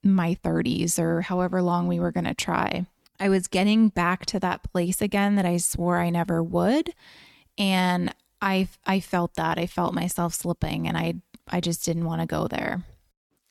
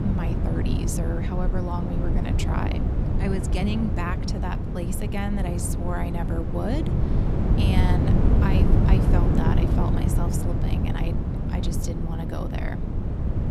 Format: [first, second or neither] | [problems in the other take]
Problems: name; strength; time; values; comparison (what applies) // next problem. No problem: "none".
first | wind noise on the microphone; heavy; as loud as the speech